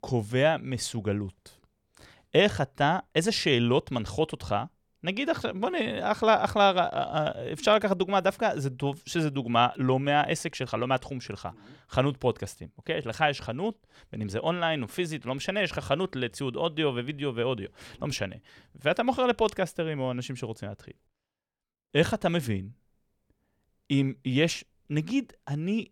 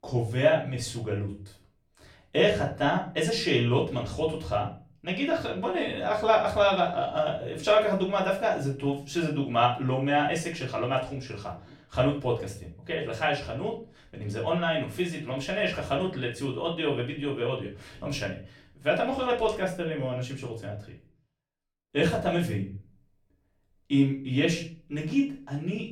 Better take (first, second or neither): first